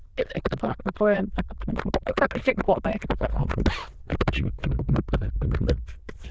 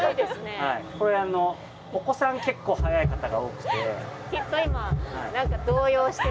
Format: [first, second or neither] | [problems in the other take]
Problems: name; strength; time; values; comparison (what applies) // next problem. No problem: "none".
second | noise reduction (neural diffusion model UNIVERSE++)